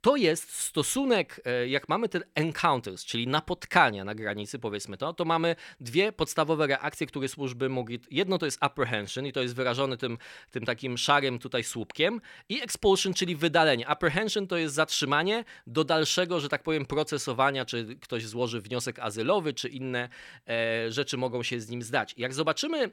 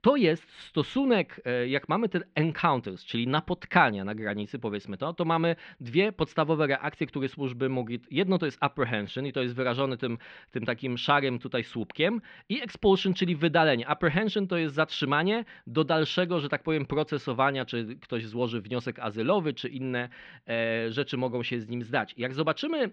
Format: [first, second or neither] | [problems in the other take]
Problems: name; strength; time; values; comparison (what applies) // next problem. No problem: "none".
first | muffled; slightly; fading above 3.5 kHz